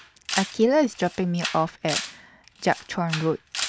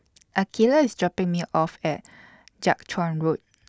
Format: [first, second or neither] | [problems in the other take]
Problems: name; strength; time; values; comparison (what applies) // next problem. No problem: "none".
second | background sound (Camera); 9 dB below the speech